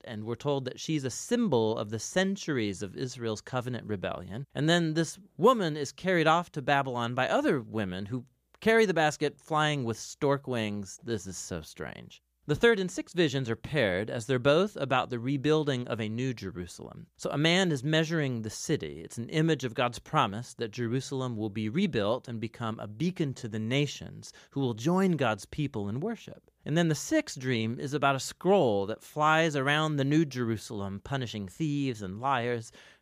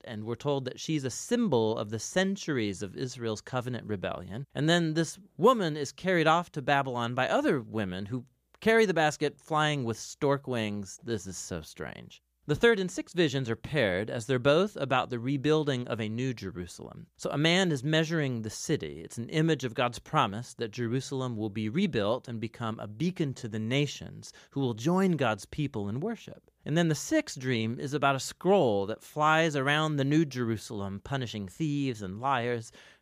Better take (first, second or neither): neither